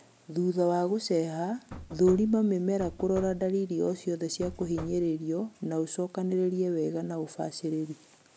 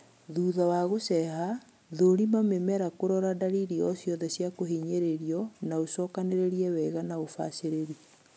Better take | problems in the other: second | background sound (Knock / Wood); 15 dB below the speech

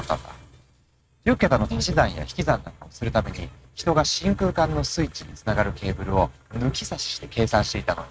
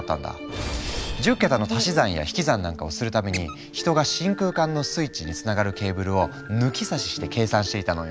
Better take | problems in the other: second | noise reduction (neural mask model RNNoise)

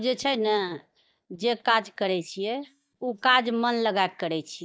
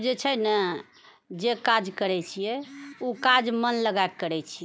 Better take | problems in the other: second | noise reduction (neural mask model DeepFilterNet 3)

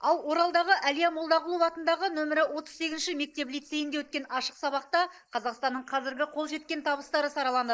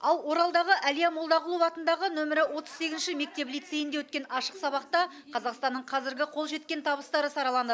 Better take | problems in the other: second | noise reduction (neural mask model Resemble Enhance denoiser)

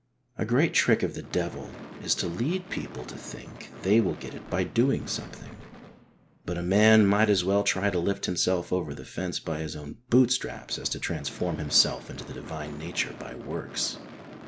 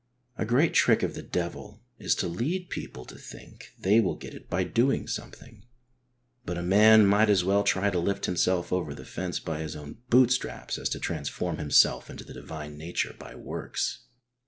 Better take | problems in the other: second | background sound (Gunshot, gunfire / Fireworks); 17 dB below the speech

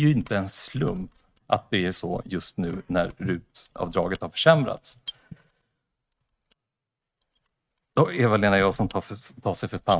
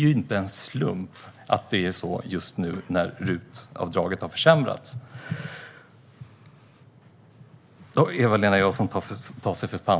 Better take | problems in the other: second | noise reduction (neural mask model RNNoise)

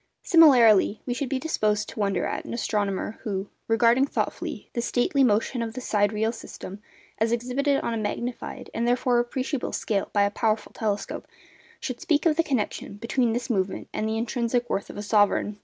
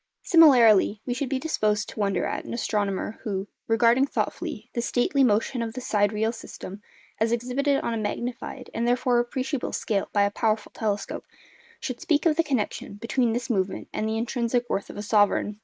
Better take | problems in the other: first | noise reduction (neural mask model Resemble Enhance denoiser)

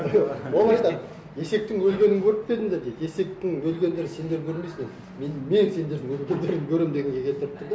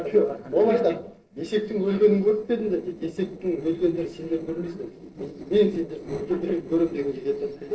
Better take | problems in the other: first | noise reduction (neural separator model SepFormer DNS4)

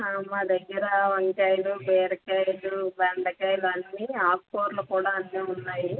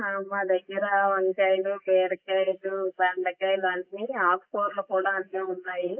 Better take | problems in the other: first | noise reduction (neural mask model Resemble Enhance denoiser)

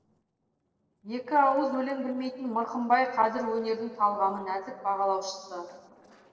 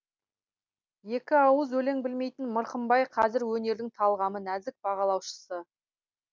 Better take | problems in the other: second | noise reduction (neural separator model SepFormer DNS4)

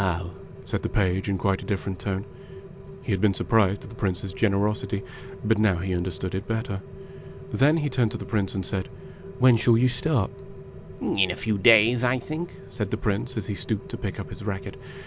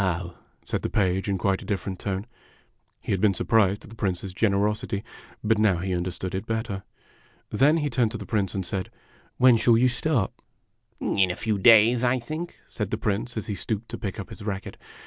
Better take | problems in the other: second | background sound (Rain); 14 dB below the speech

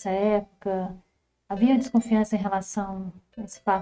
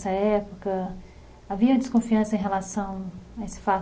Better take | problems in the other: second | noise reduction (neural mask model RNNoise)

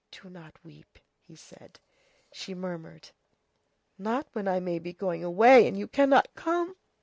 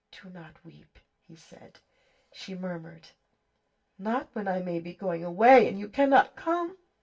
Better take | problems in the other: first | room echo; dies away in 0.2 s

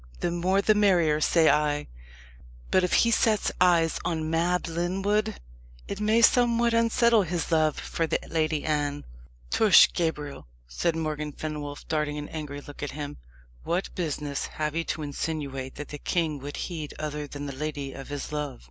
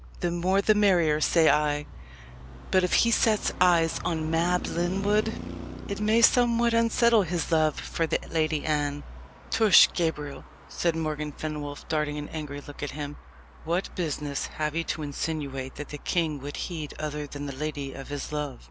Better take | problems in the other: first | background sound (Traffic noise, roadway noise); 17 dB below the speech

